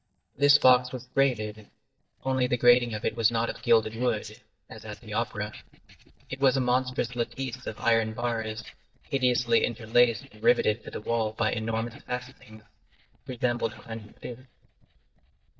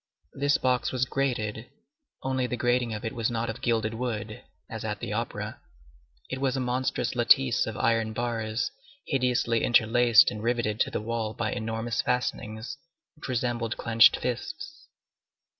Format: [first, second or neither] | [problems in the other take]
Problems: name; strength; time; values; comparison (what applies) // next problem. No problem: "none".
second | noise reduction (neural mask model DeepFilterNet 3)